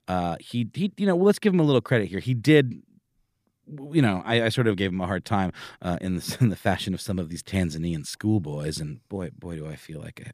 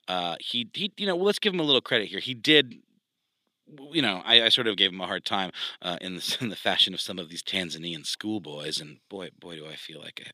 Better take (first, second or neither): first